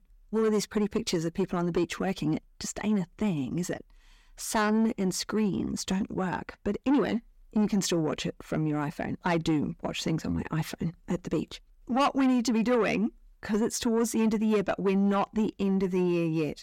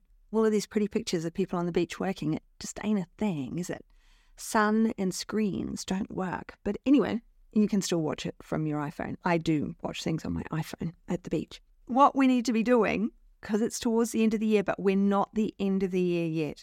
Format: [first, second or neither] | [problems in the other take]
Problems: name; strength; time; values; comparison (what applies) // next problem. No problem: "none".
second | distortion; slight; 10 dB below the speech